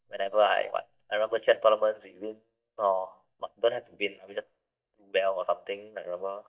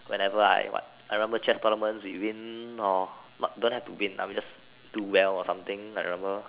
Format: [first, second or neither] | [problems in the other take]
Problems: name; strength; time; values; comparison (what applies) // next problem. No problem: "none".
second | noise reduction (neural mask model DeepFilterNet 3)